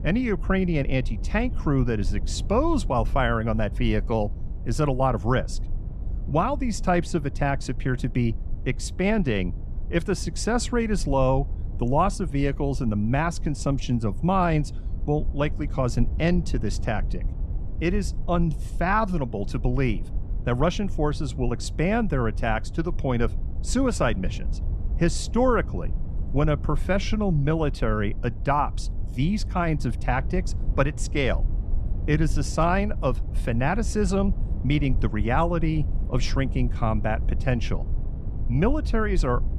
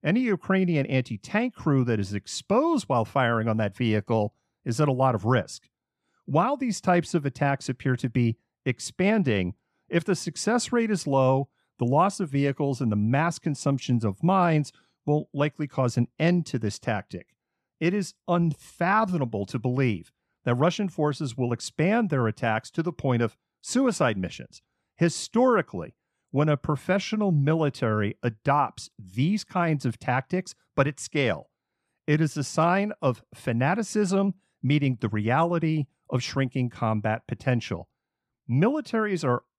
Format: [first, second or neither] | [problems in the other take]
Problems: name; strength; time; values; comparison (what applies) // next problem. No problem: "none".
second | low rumble; faint; throughout; 20 dB below the speech